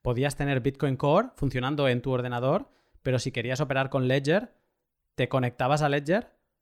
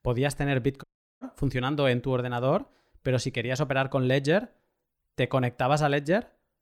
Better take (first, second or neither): first